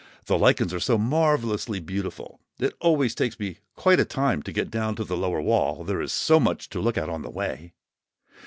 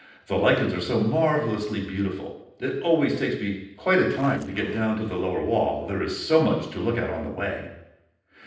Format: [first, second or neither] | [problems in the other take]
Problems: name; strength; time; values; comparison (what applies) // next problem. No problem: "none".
first | noise reduction (neural separator model SepFormer DNS4)